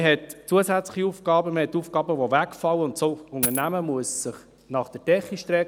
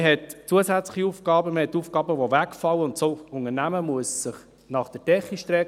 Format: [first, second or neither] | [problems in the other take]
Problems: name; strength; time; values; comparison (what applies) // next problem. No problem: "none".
second | background sound (Coin (dropping)); 3 dB below the speech